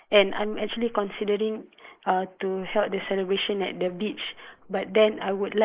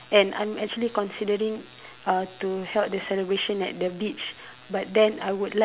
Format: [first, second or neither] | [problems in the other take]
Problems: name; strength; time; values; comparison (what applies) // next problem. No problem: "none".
second | noise reduction (neural mask model Resemble Enhance denoiser)